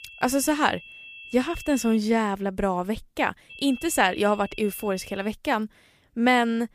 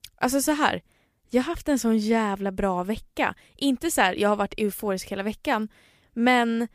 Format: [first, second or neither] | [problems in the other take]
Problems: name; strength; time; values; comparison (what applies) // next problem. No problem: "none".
second | high-pitched whine; noticeable; until 2 s and from 3.5 to 5.5 s; 2.5 kHz, 15 dB below the speech